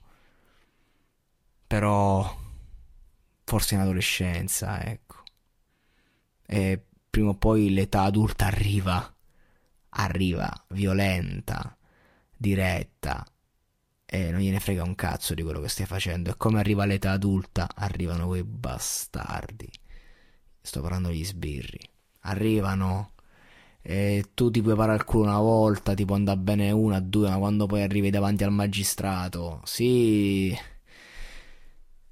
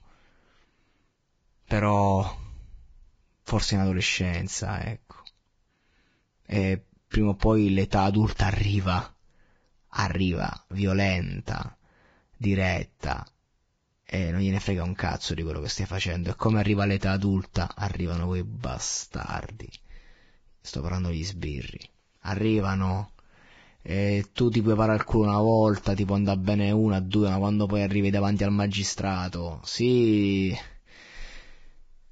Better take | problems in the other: first | garbled, watery; badly; nothing above 7.5 kHz; slightly in the first

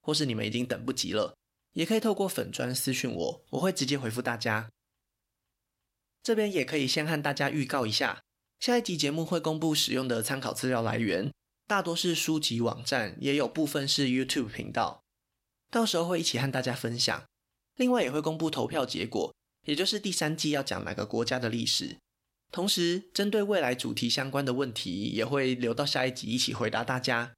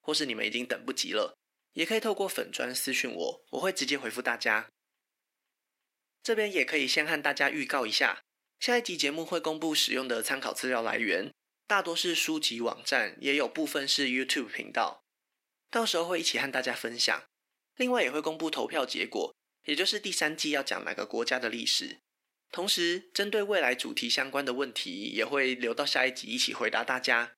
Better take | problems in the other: first | thin; somewhat; fading below 300 Hz

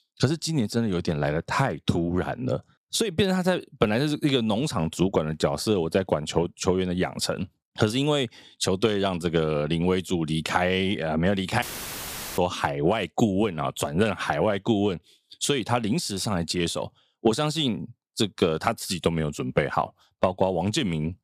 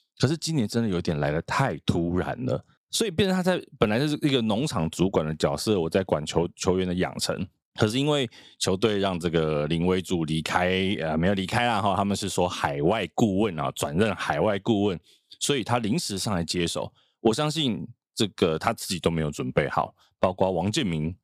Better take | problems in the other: second | audio cutting out; filled with static; at 12 s for 1 s

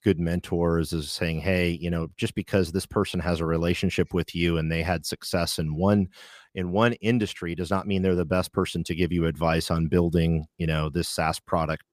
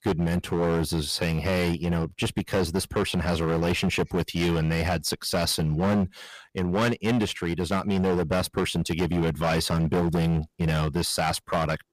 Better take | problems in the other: first | distortion; heavy; 15% of the sound clipped

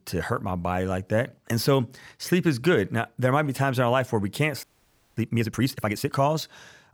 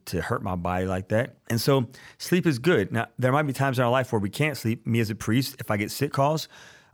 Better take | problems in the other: second | audio freezing; at 4.5 s for 0.5 s

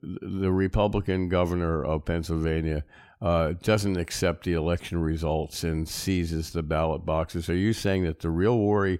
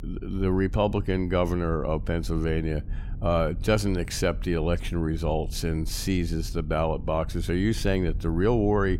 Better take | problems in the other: first | low rumble; faint; throughout; 25 dB below the speech

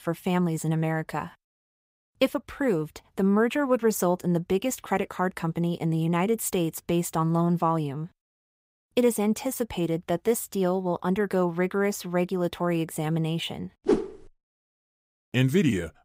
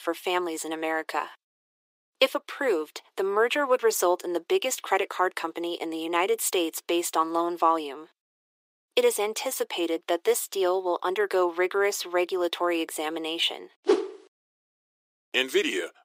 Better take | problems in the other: first | thin; very; fading below 350 Hz

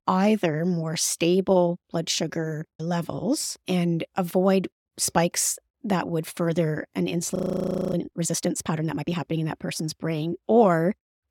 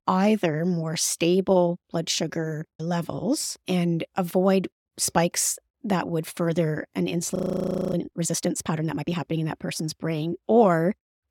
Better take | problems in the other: neither | audio freezing; at 7.5 s for 0.5 s; the same in both

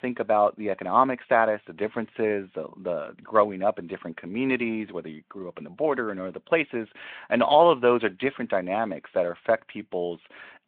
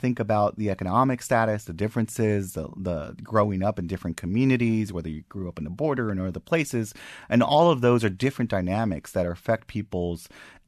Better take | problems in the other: second | phone-call audio

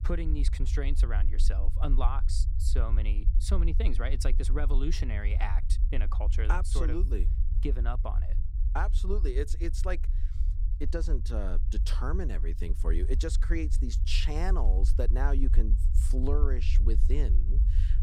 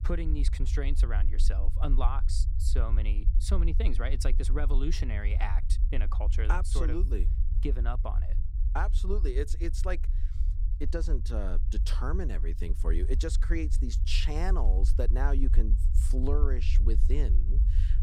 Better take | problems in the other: neither | low rumble; noticeable; throughout; 10 dB below the speech; the same in both

